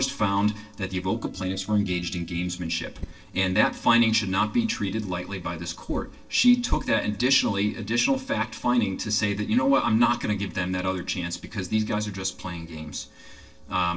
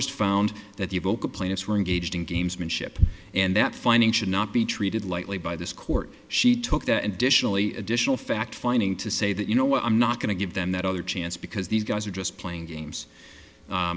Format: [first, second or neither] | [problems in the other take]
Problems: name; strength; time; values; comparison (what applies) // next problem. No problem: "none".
second | noise reduction (neural separator model SepFormer DNS4)